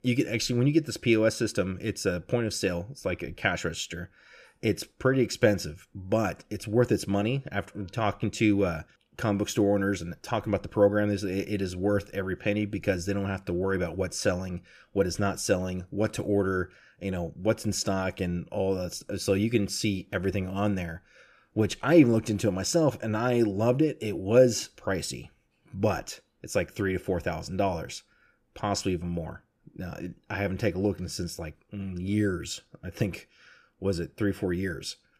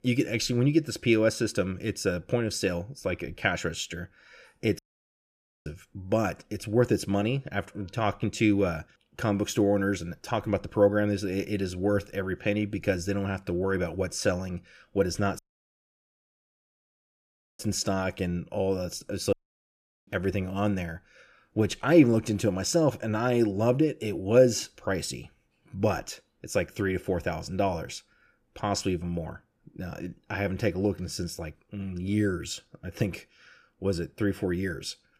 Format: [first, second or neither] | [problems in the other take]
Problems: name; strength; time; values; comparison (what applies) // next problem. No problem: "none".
first | audio cutting out; at 5 s for 1 s, at 15 s for 2 s and at 19 s for 0.5 s